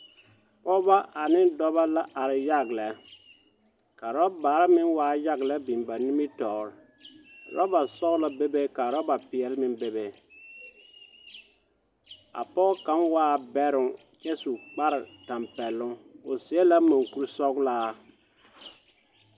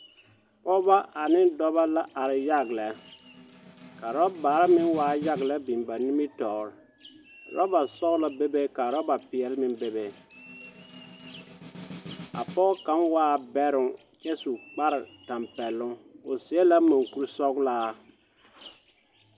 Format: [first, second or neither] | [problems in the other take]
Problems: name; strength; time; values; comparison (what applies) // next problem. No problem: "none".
first | background sound (Snare drum); 18 dB below the speech